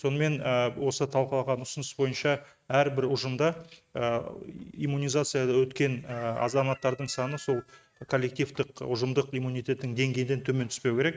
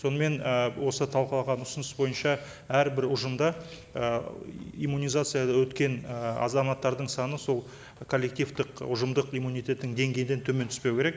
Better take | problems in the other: second | noise reduction (neural mask model RNNoise)

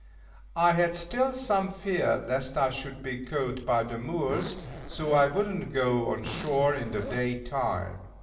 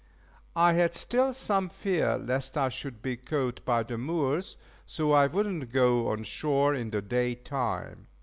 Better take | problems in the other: second | background sound (Zipper (clothing)); 12 dB below the speech // room echo; dies away in 0.8 s

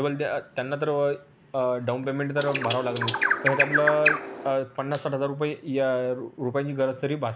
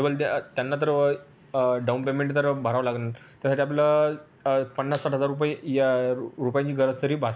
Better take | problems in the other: second | background sound (Bird); 1 dB above the speech

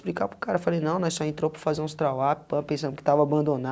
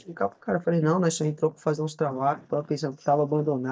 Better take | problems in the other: first | noise reduction (neural mask model DeepFilterNet 3)

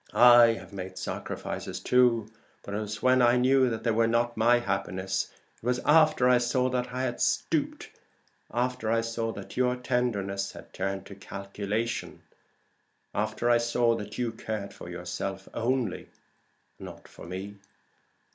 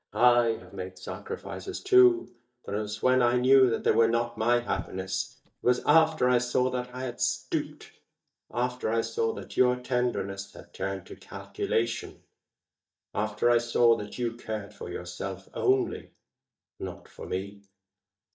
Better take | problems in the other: first | noise reduction (neural mask model DeepFilterNet 3)

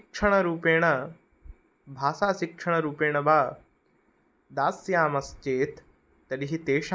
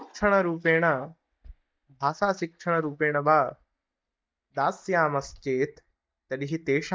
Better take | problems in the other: first | noise reduction (neural mask model DeepFilterNet 3)

